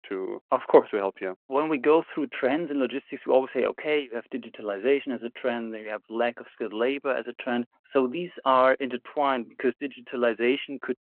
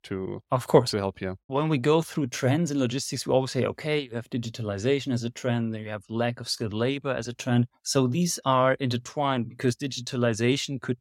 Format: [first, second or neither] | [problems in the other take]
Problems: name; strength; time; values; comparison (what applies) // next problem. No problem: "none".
second | phone-call audio